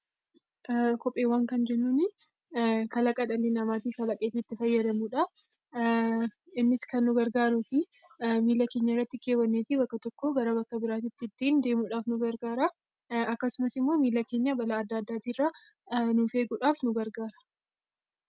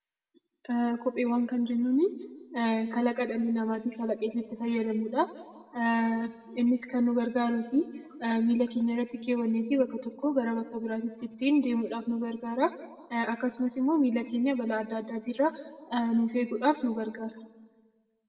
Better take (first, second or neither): first